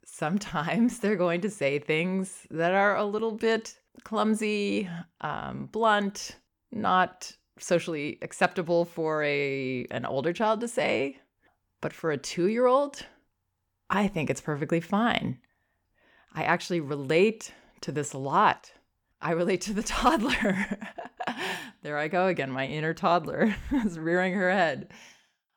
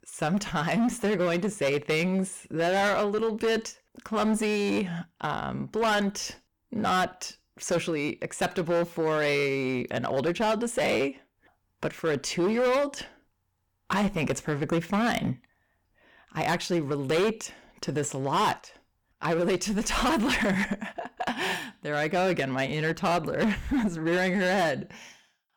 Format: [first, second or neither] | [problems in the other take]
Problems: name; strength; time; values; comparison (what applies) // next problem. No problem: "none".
first | distortion; heavy; 13% of the sound clipped